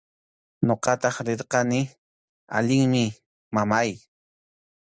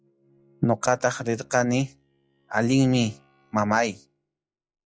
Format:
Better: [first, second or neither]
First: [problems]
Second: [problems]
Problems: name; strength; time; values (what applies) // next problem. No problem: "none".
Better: first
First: none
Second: noise reduction (classical method log-MMSE)